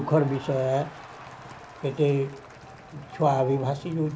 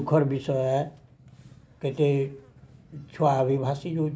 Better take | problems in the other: second | background sound (Crowd); 16 dB below the speech

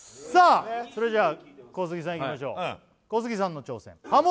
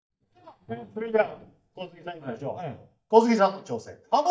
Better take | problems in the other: first | noise reduction (neural mask model DeepFilterNet 3)

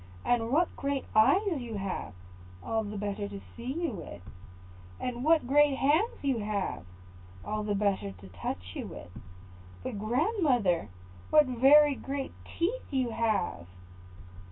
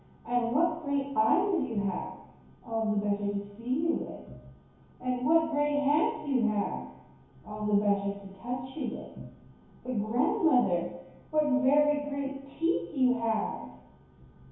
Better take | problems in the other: first | room echo; dies away in 2.2 s

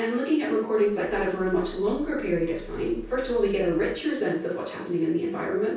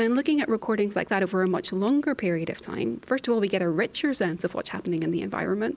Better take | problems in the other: second | background sound (Growling); 18 dB below the speech // room echo; dies away in 0.6 s

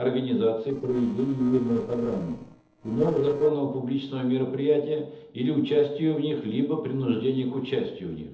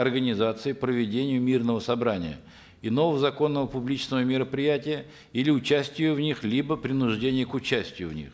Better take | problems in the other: second | noise reduction (neural separator model SepFormer DNS4)

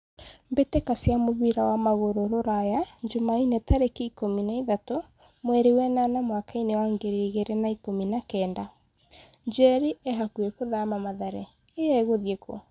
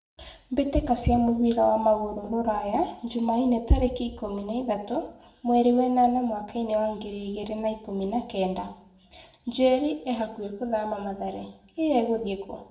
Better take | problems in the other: first | room echo; dies away in 0.5 s

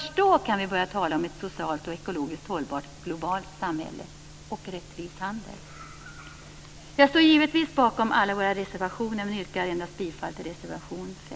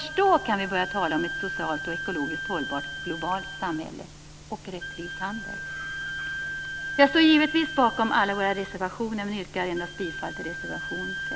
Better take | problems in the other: first | background sound (Wind instrument, woodwind instrument); 8 dB below the speech

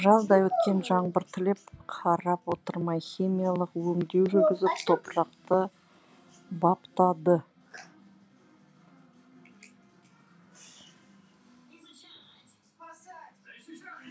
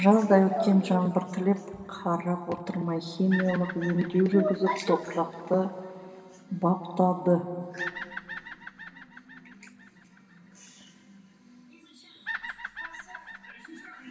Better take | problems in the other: first | background sound (Bird vocalization, bird call, bird song); 16 dB below the speech // room echo; dies away in 2.1 s

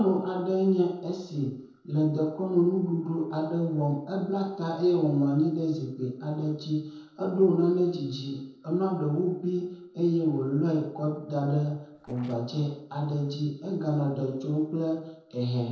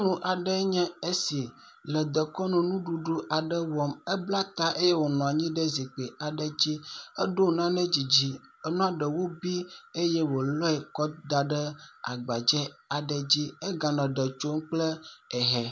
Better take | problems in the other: second | noise reduction (neural separator model SepFormer DNS4)

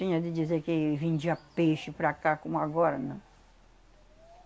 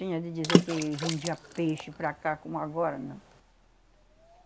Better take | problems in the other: first | background sound (Water / Splash, splatter); 2 dB above the speech

